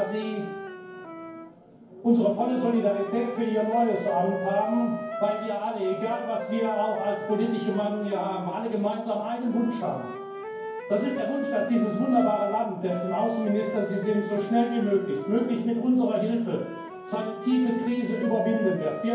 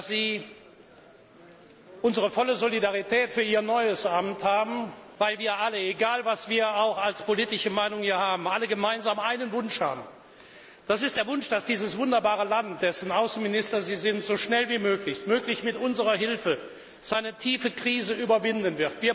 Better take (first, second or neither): second